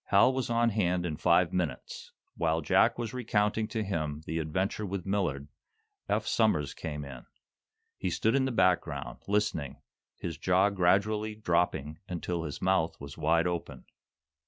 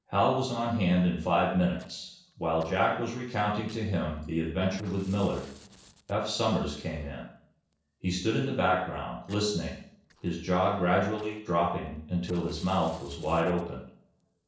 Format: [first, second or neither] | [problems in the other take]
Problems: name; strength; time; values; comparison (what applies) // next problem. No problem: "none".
first | noise reduction (neural separator model SepFormer DNS4)